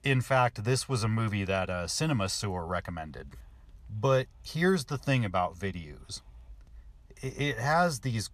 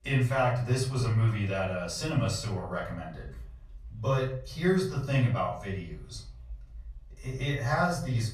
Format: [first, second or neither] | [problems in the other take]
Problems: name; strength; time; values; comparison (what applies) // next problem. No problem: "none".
first | room echo; slight; dies away in 0.5 s // off-mic speech; far